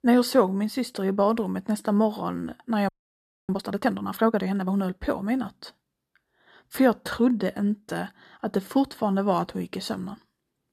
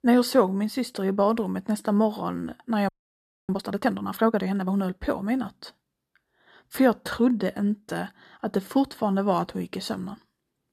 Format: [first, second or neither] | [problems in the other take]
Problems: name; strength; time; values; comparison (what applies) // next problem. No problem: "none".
neither | audio freezing; at 3 s for 0.5 s; the same in both